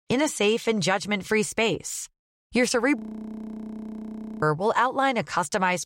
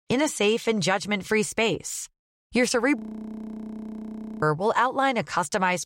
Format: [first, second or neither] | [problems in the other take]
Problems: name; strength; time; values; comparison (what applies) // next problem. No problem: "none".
neither | audio freezing; at 3 s for 1.5 s; the same in both